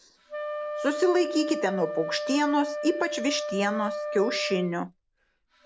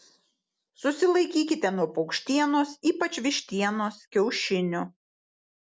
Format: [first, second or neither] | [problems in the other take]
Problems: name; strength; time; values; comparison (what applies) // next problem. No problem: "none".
second | background sound (Wind instrument, woodwind instrument); 6 dB below the speech